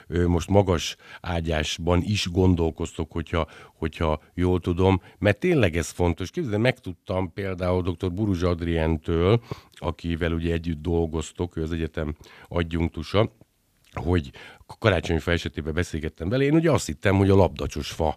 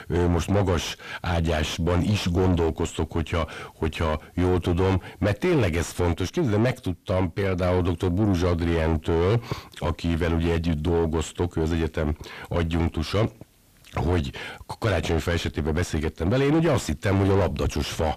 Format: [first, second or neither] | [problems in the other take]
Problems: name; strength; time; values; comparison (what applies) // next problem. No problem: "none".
first | distortion; heavy; 5 dB below the speech